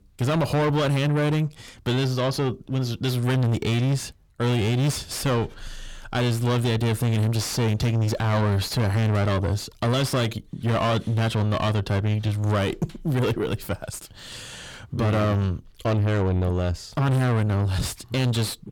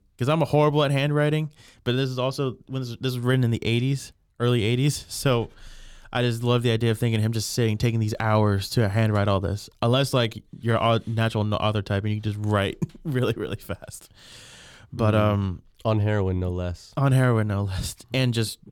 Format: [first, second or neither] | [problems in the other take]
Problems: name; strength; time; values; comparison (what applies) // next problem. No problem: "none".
second | distortion; heavy; 7 dB below the speech